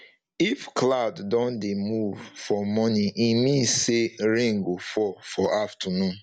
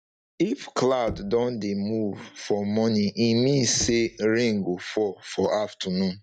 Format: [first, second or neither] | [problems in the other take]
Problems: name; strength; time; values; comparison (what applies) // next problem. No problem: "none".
first | noise reduction (neural mask model DeepFilterNet 3)